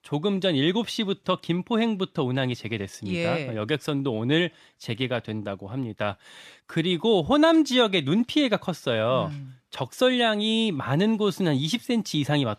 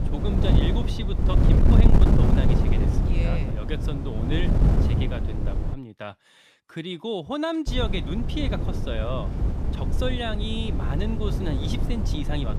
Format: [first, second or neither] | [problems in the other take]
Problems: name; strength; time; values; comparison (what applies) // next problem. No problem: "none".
first | wind noise on the microphone; heavy; until 5.5 s and from 7.5 s on; 1 dB below the speech